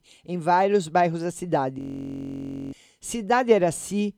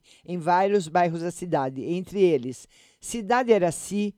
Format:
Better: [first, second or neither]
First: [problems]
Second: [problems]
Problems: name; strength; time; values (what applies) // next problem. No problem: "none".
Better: second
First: audio freezing; at 2 s for 1 s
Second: none